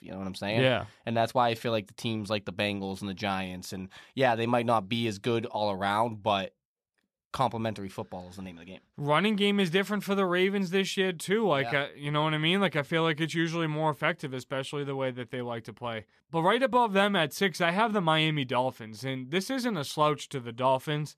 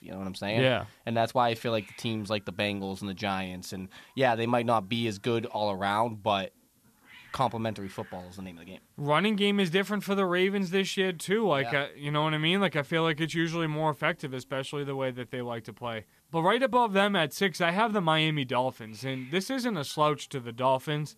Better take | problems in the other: first | hiss; faint; throughout; 30 dB below the speech

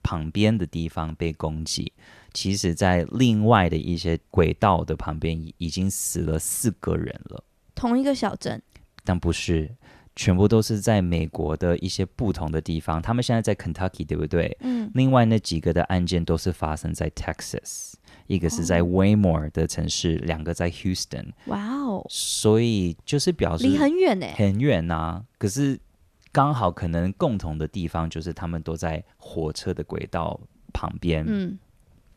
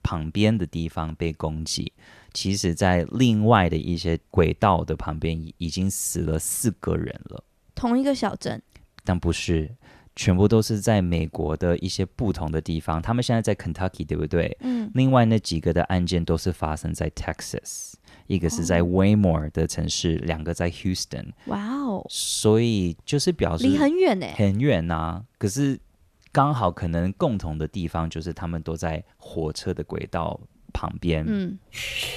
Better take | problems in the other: first | clattering dishes; noticeable; at 32 s; peak 3 dB below the speech

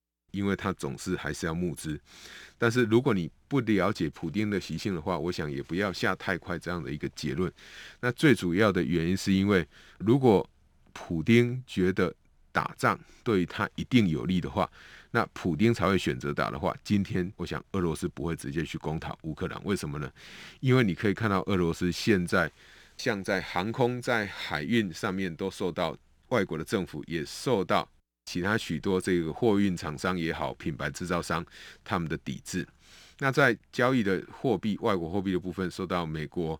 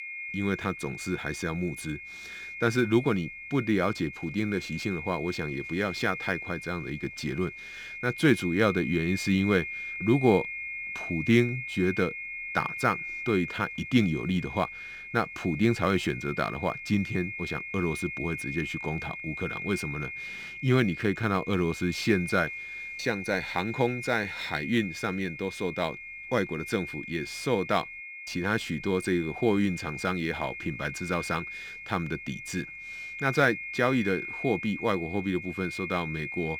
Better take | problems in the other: first | high-pitched whine; loud; throughout; 2 kHz, 8 dB below the speech

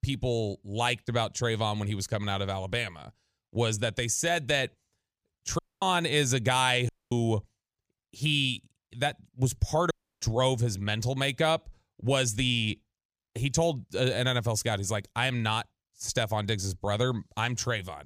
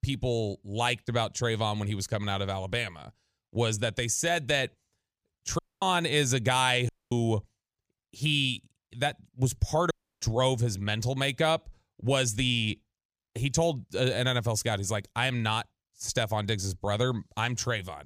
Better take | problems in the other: neither | audio cutting out; at 5.5 s, at 7 s and at 10 s; the same in both

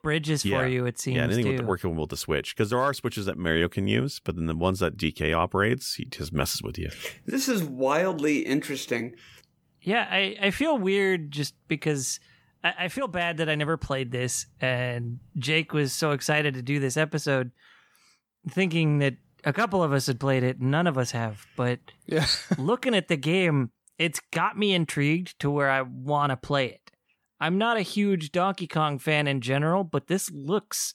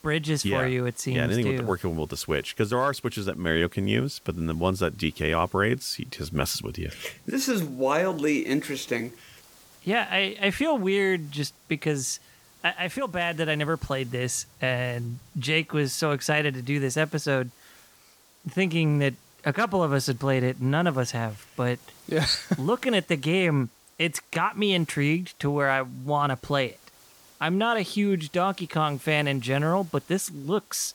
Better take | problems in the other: first | hiss; faint; throughout; 25 dB below the speech

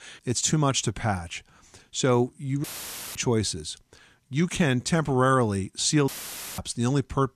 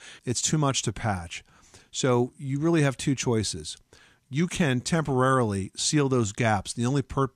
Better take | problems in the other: second | audio cutting out; filled with static; at 2.5 s for 0.5 s and at 6 s for 0.5 s

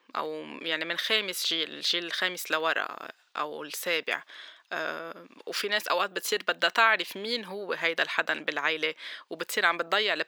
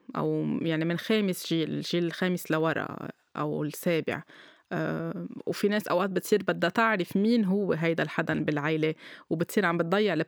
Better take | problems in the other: second | thin; very; fading below 700 Hz

